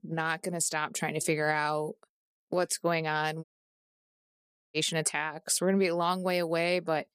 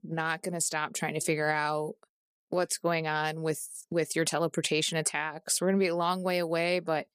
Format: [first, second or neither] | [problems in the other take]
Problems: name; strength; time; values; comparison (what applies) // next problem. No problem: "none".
second | audio cutting out; at 3.5 s for 1.5 s